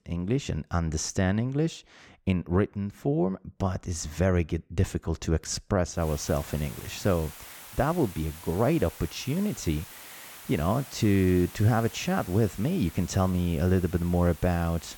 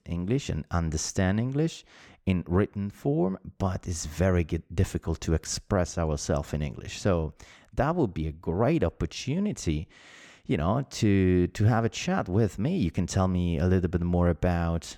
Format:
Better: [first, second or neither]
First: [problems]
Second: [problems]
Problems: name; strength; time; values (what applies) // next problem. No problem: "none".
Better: second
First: hiss; noticeable; from 6 s on; 15 dB below the speech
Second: none